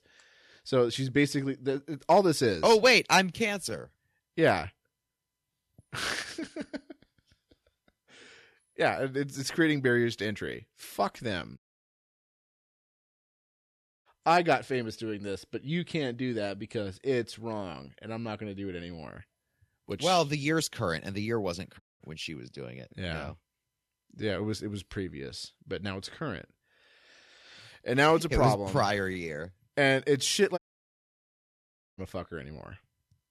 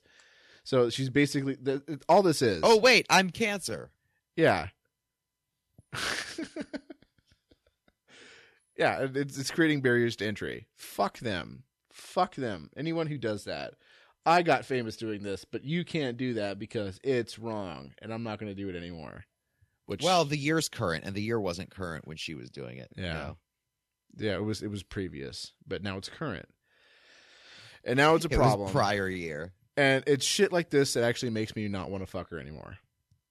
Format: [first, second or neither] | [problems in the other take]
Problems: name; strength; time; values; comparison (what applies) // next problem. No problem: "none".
second | audio cutting out; at 12 s for 2.5 s, at 22 s and at 31 s for 1.5 s